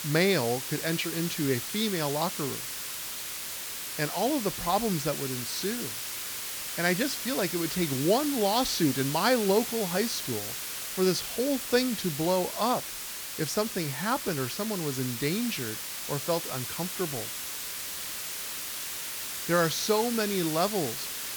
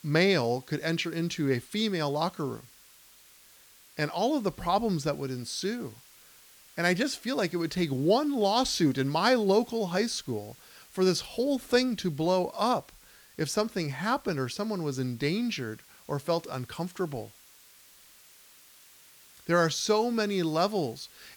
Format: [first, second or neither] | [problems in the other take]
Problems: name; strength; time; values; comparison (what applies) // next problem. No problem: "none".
second | hiss; loud; throughout; 4 dB below the speech; faint in the second